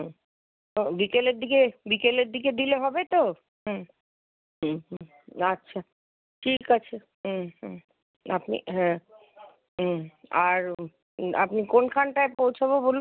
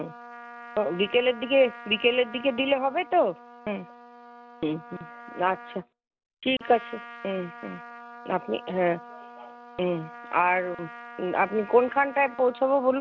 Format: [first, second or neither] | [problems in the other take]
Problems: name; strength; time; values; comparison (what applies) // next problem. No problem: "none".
first | background sound (Trumpet); 17 dB below the speech